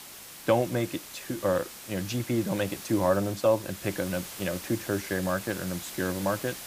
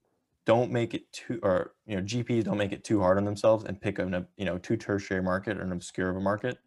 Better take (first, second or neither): second